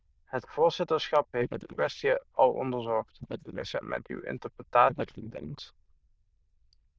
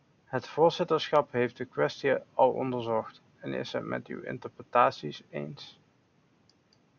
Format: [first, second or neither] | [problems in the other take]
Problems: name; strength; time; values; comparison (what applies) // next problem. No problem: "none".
second | noise reduction (neural diffusion model UNIVERSE++)